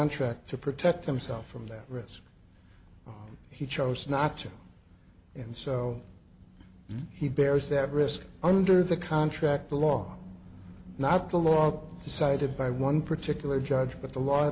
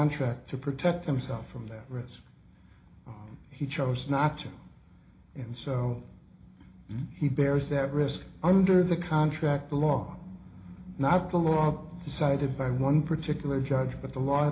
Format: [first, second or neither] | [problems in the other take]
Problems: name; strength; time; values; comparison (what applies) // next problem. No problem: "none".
first | room echo; dies away in 0.4 s